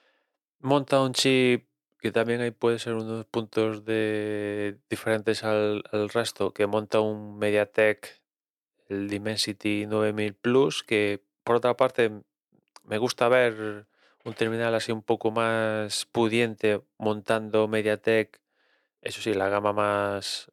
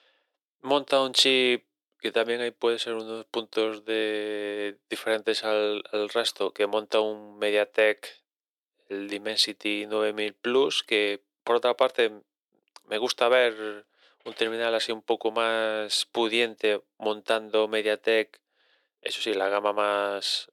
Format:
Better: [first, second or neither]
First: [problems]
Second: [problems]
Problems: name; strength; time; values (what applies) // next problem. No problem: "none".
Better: first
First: none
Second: thin; somewhat; fading below 400 Hz